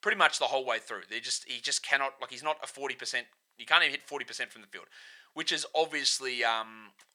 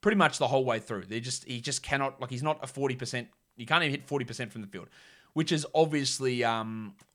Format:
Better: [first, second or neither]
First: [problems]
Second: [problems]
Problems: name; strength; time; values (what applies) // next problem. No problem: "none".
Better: second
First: thin; very; fading below 600 Hz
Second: none